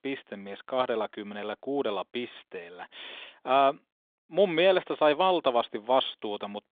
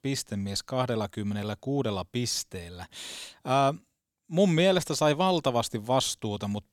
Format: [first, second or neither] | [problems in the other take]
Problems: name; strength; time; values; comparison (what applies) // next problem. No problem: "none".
second | phone-call audio